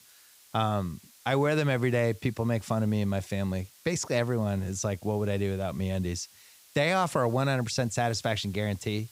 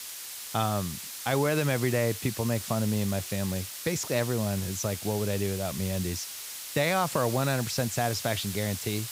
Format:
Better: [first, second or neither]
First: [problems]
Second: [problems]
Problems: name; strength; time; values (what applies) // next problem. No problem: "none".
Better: first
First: hiss; faint; throughout; 25 dB below the speech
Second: hiss; loud; throughout; 7 dB below the speech